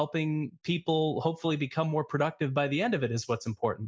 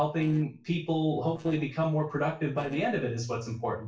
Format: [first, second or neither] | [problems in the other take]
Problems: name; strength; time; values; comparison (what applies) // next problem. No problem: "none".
first | noise reduction (neural separator model SepFormer DNS4)